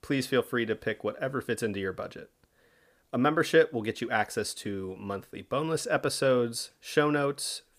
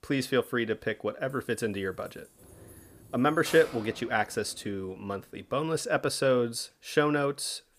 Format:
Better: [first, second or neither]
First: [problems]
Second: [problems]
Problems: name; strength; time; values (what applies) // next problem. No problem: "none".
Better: first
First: none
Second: jangling keys; noticeable; from 1.5 to 5 s; peak 10 dB below the speech